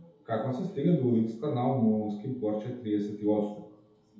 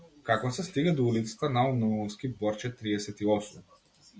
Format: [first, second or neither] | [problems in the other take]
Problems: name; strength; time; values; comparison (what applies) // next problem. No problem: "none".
second | room echo; dies away in 0.8 s